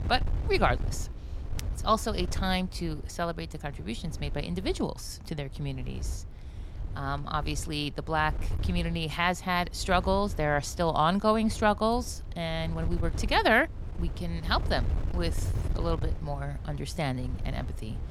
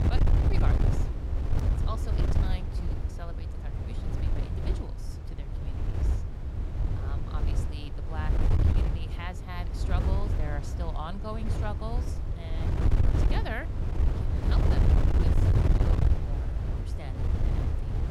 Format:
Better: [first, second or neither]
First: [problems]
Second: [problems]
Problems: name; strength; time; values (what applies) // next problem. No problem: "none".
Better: first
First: wind noise on the microphone; occasional gusts; 20 dB below the speech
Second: wind noise on the microphone; heavy; 1 dB above the speech